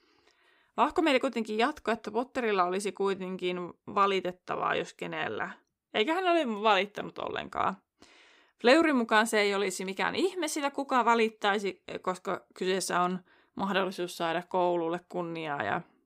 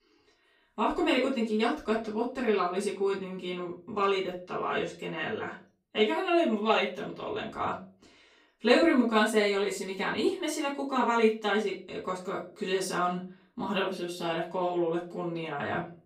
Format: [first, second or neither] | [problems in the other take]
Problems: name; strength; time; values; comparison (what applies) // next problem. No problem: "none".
first | room echo; slight; dies away in 0.3 s // off-mic speech; far